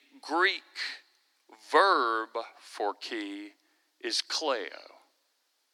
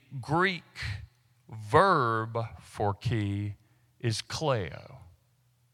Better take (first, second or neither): second